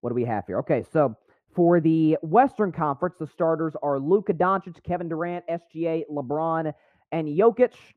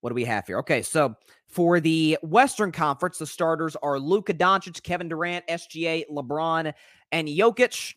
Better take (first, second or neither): second